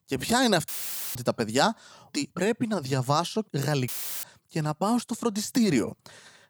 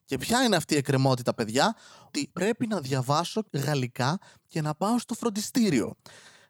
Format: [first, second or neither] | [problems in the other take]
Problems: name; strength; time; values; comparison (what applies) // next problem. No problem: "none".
second | audio cutting out; filled with static; at 0.5 s and at 4 s